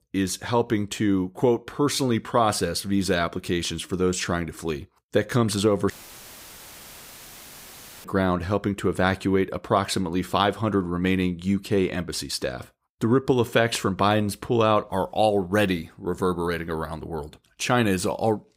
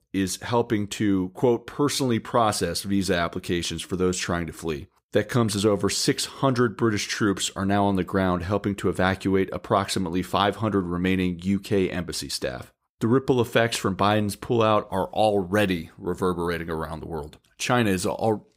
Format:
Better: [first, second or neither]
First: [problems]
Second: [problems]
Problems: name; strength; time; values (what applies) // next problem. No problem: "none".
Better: second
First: audio cutting out; filled with static; at 6 s for 2 s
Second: none